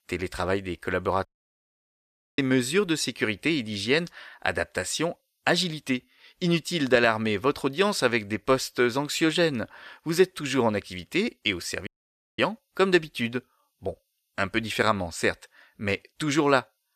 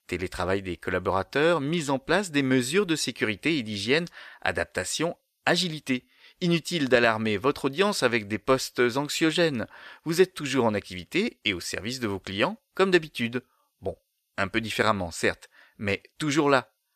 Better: second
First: audio cutting out; at 1.5 s for 1 s and at 12 s for 0.5 s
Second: none

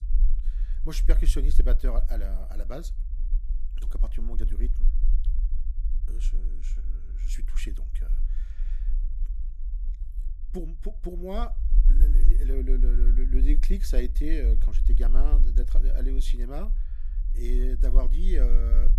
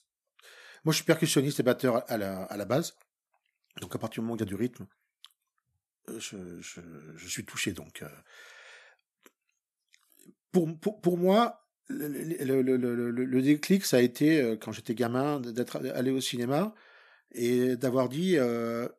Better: second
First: low rumble; noticeable; throughout; 15 dB below the speech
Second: none

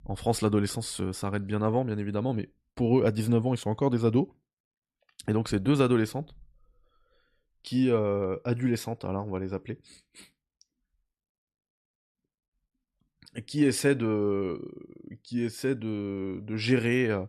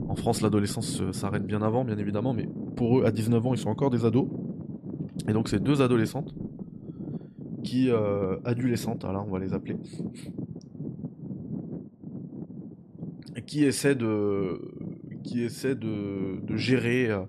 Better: first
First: none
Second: low rumble; noticeable; throughout; 15 dB below the speech

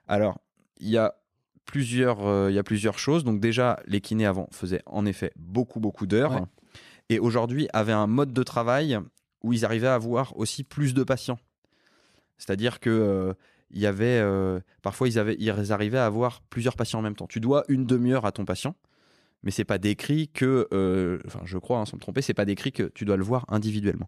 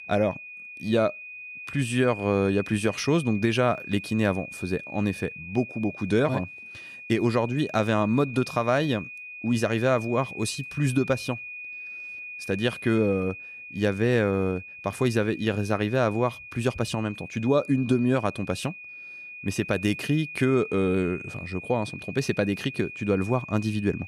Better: first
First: none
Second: high-pitched whine; noticeable; throughout; 2.5 kHz, 10 dB below the speech

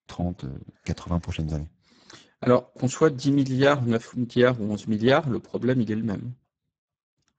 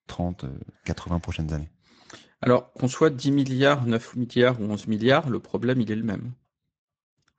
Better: second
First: garbled, watery; badly; nothing above 7.5 kHz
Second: garbled, watery; slightly; nothing above 7.5 kHz

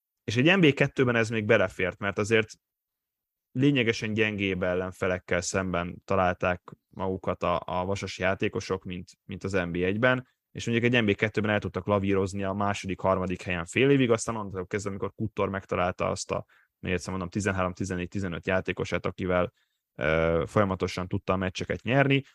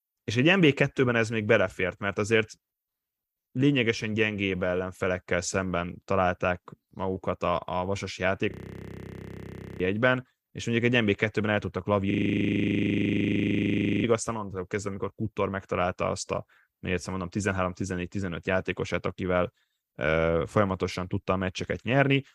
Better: first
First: none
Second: audio freezing; at 8.5 s for 1.5 s and at 12 s for 2 s

